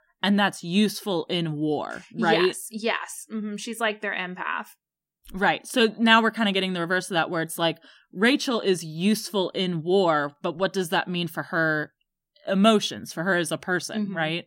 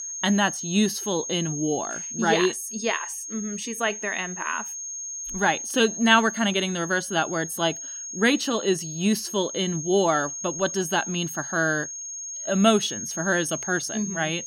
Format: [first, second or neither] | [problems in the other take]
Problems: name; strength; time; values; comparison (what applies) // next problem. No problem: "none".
first | high-pitched whine; loud; throughout; 6.5 kHz, 7 dB below the speech